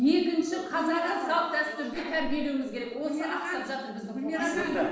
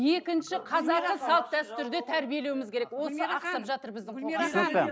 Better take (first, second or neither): second